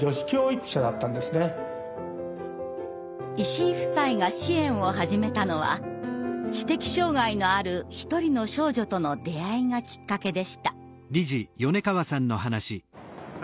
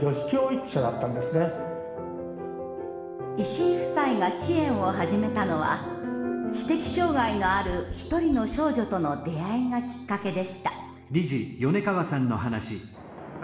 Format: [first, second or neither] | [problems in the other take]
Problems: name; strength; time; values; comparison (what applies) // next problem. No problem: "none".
first | background sound (Tap); 16 dB below the speech // room echo; dies away in 1 s